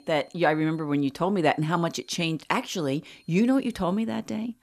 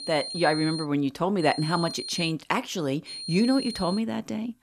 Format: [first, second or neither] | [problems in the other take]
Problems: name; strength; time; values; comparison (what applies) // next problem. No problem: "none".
first | high-pitched whine; loud; at the start, at 1.5 s and at 3 s; 4 kHz, 8 dB below the speech; faint in the first